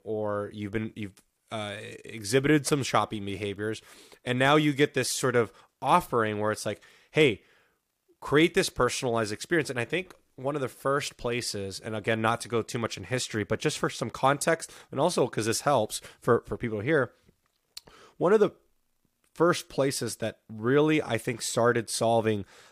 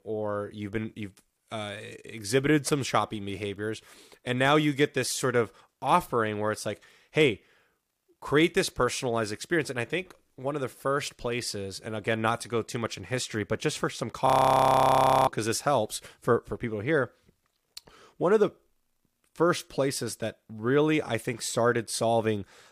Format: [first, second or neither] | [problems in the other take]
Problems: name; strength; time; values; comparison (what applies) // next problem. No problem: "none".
first | audio freezing; at 14 s for 1 s